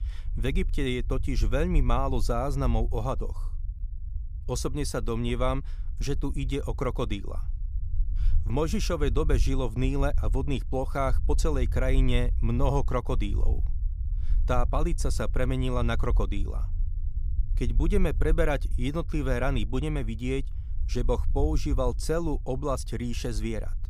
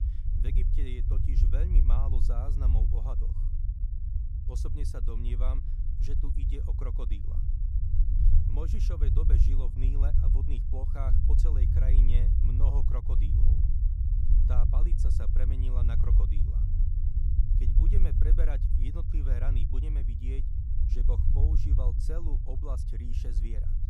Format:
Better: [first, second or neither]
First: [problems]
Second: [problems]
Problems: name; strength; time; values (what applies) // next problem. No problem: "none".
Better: first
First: low rumble; faint; throughout; 20 dB below the speech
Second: low rumble; loud; throughout; 1 dB below the speech